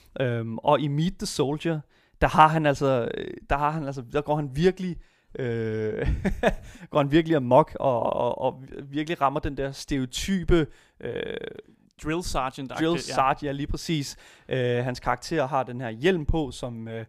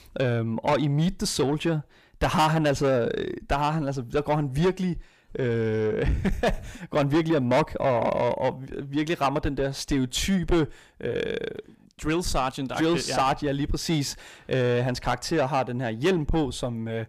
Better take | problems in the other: first | distortion; heavy; 7 dB below the speech

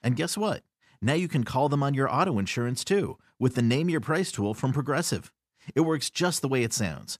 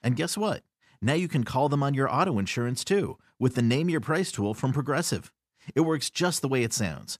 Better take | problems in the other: neither | none

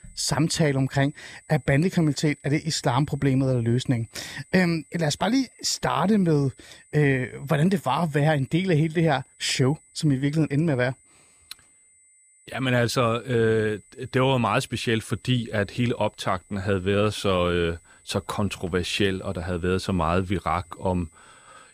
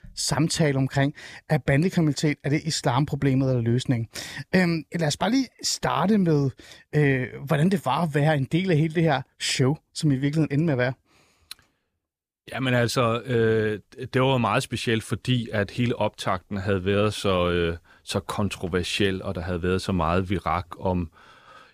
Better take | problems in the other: second | high-pitched whine; faint; throughout; 8 kHz, 30 dB below the speech

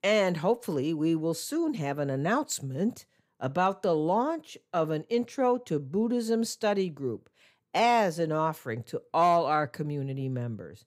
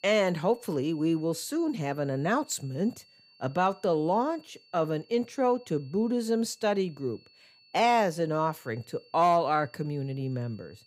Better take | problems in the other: first | high-pitched whine; faint; throughout; 4.5 kHz, 30 dB below the speech

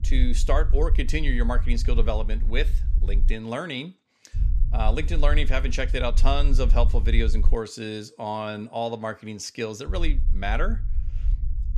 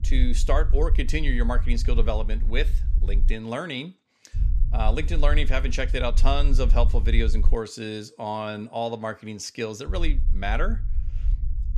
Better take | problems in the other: neither | low rumble; noticeable; until 3.5 s, from 4.5 to 7.5 s and from 10 s on; 20 dB below the speech; the same in both

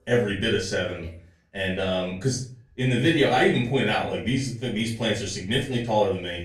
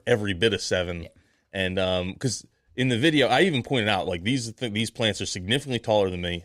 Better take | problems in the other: second | off-mic speech; far // room echo; slight; dies away in 0.4 s

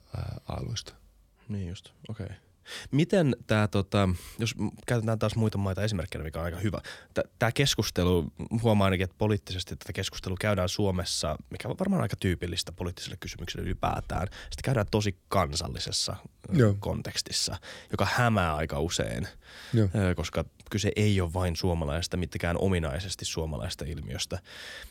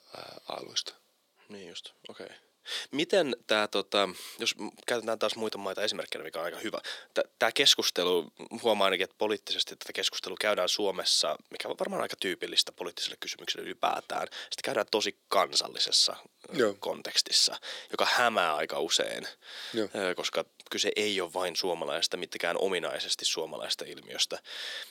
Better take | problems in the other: first | thin; very; fading below 350 Hz

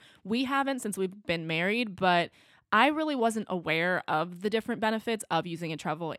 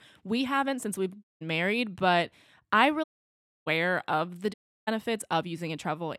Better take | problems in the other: first | audio cutting out; at 1 s, at 3 s for 0.5 s and at 4.5 s

